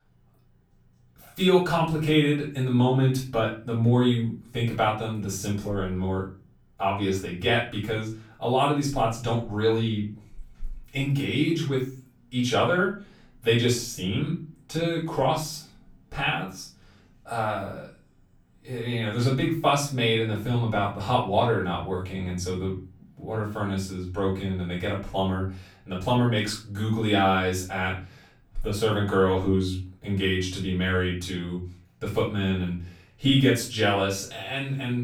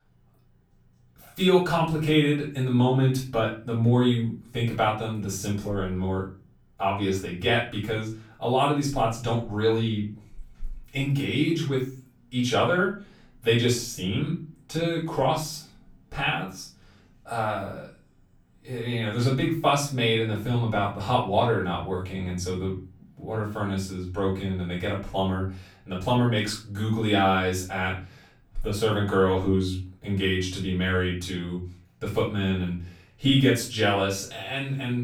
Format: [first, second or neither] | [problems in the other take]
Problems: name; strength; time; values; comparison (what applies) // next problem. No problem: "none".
neither | off-mic speech; far; the same in both // room echo; noticeable; dies away in 0.3 s; the same in both